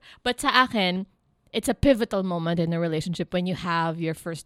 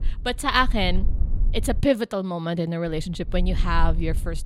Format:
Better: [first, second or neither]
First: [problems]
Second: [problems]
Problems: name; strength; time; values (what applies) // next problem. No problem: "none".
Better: first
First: none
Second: low rumble; faint; until 2 s and from 3 s on; 20 dB below the speech